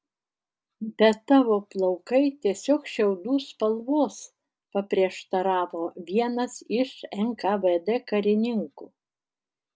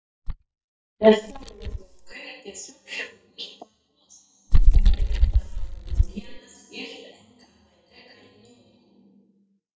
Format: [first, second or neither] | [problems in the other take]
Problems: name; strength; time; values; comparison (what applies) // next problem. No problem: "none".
first | noise reduction (neural mask model DeepFilterNet 3)